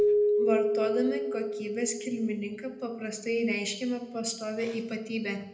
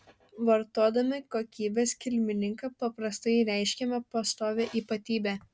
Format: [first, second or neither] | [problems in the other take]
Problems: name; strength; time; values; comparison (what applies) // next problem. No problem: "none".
second | background sound (Keyboard (musical)); as loud as the speech // room echo; dies away in 0.8 s